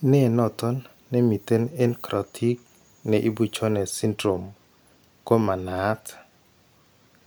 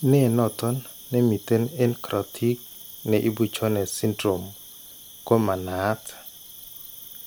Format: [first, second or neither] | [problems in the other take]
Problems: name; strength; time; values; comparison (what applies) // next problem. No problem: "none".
first | background sound (Cricket); 18 dB below the speech